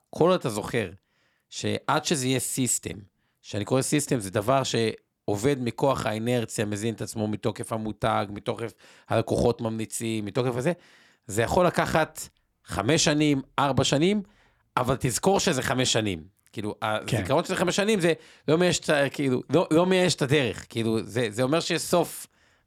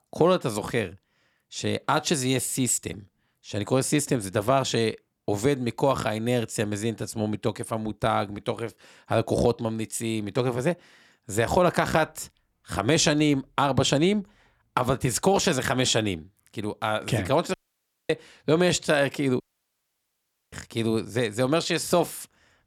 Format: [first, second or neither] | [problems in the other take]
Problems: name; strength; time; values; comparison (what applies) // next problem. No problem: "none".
first | audio cutting out; at 18 s for 0.5 s and at 19 s for 1 s